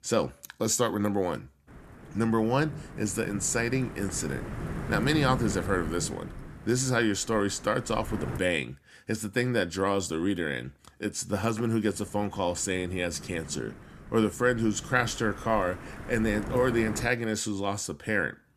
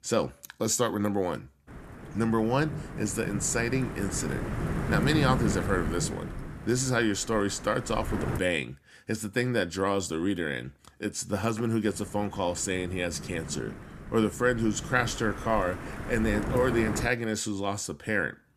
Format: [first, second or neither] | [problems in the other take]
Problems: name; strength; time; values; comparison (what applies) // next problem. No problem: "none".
first | wind noise on the microphone; heavy; from 1.5 to 8.5 s and from 12 to 17 s; 10 dB below the speech; occasional gusts in the first